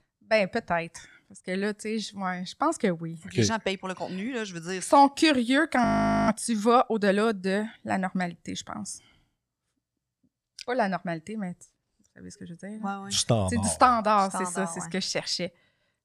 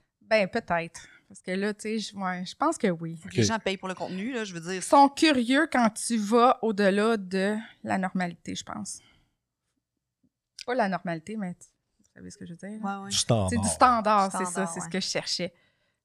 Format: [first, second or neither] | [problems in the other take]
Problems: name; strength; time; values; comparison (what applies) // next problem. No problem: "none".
second | audio freezing; at 6 s